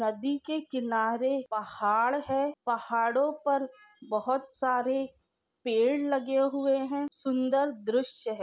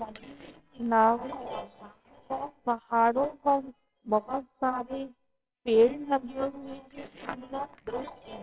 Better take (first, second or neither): first